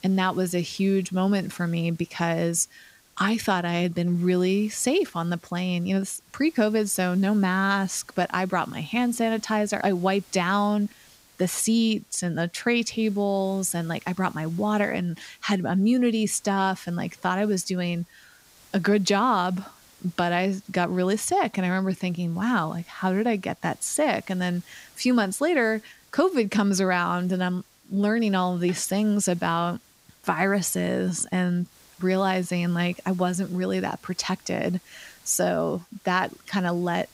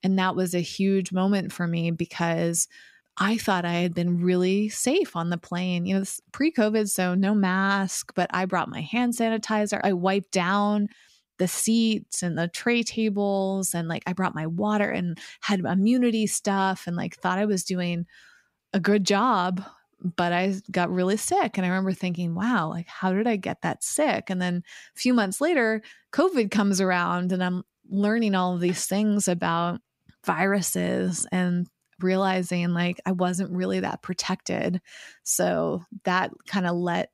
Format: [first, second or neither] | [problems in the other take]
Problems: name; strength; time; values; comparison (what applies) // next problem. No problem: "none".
second | hiss; faint; throughout; 30 dB below the speech